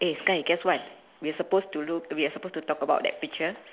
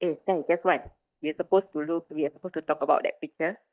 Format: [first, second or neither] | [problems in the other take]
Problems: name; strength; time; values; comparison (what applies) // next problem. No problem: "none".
first | noise reduction (neural mask model DeepFilterNet 3)